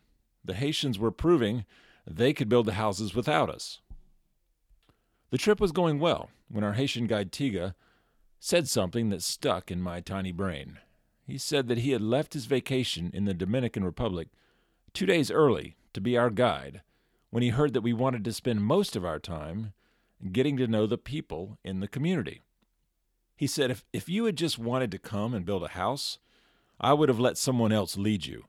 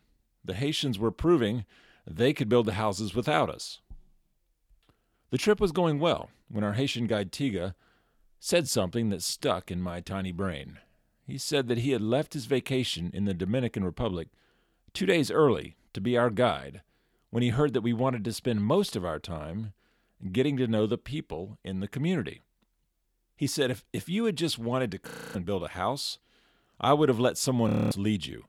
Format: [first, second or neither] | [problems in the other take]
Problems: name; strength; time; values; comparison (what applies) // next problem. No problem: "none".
first | audio freezing; at 25 s and at 28 s